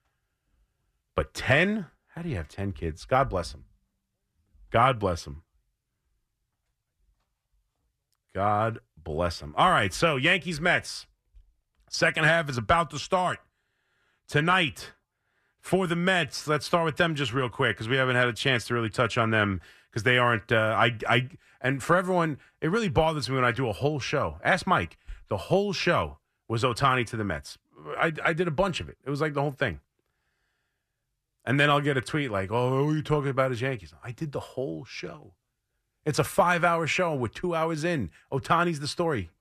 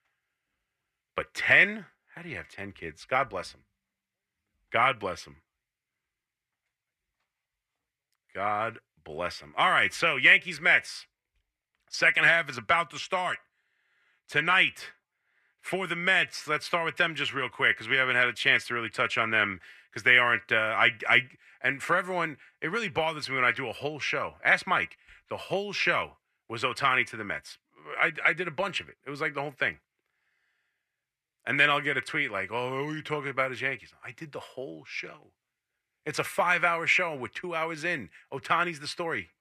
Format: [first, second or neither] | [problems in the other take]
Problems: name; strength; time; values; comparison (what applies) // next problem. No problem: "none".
first | thin; somewhat; fading below 300 Hz